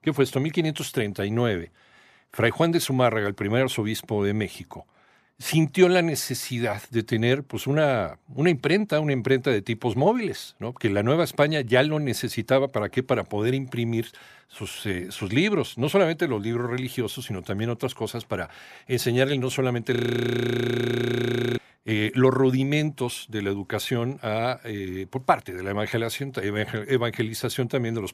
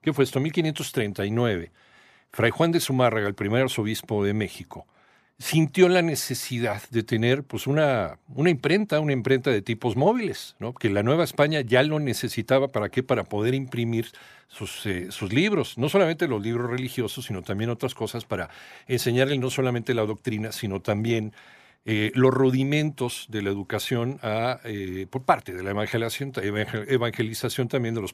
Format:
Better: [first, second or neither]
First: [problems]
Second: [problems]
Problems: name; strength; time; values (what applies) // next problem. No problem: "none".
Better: second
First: audio freezing; at 20 s for 1.5 s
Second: none